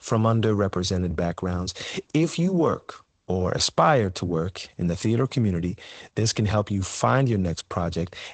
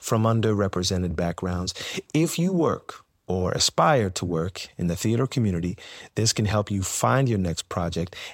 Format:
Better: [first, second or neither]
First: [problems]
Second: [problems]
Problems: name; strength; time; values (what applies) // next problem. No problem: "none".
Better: second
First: garbled, watery; slightly; nothing above 8 kHz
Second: none